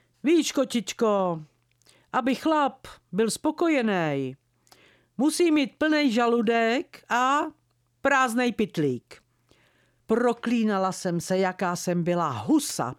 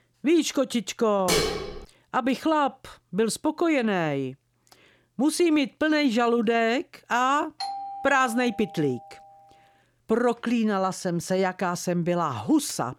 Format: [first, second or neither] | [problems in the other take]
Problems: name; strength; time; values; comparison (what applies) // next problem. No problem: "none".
first | clattering dishes; loud; at 1.5 s; peak 1 dB above the speech // doorbell; noticeable; from 7.5 to 9 s; peak 8 dB below the speech